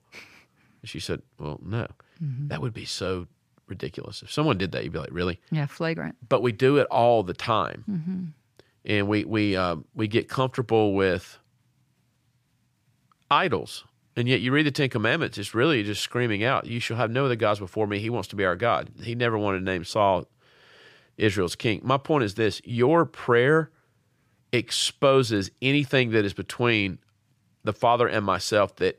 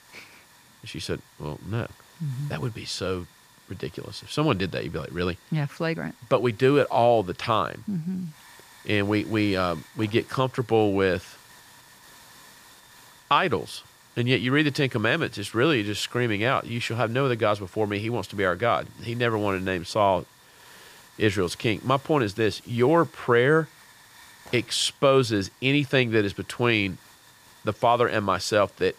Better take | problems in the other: first | hiss; faint; throughout; 25 dB below the speech

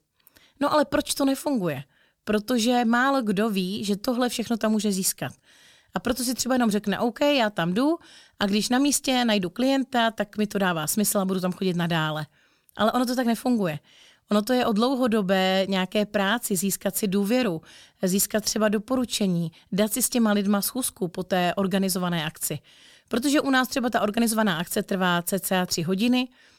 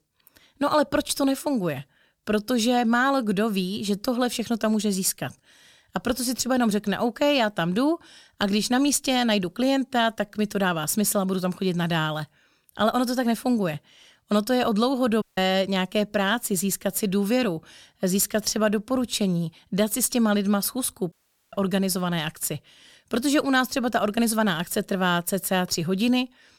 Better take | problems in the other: first | audio cutting out; at 15 s and at 21 s

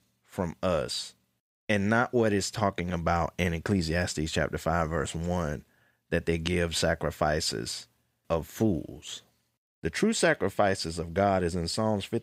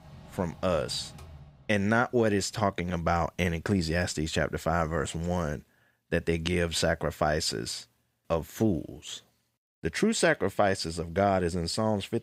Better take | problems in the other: first | machinery noise; faint; until 5.5 s; 20 dB below the speech

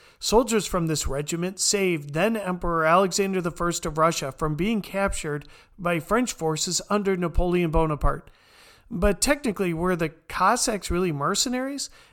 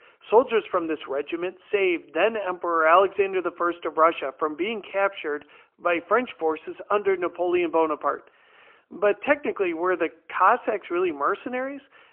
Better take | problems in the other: first | phone-call audio; poor line; nothing above 3 kHz

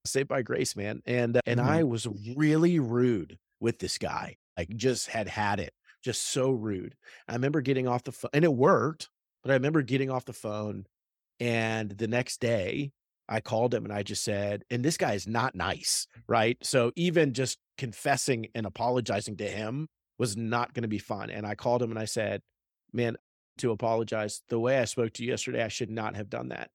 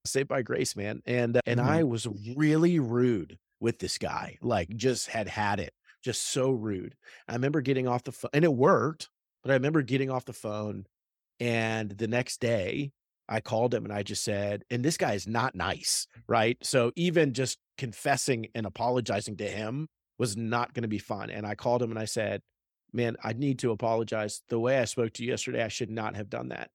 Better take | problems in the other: second | audio cutting out; at 4.5 s and at 23 s

